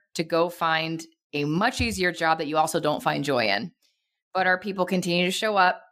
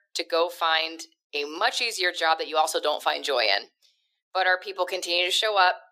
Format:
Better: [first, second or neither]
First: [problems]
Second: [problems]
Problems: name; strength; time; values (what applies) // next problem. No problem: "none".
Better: first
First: none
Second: thin; very; fading below 400 Hz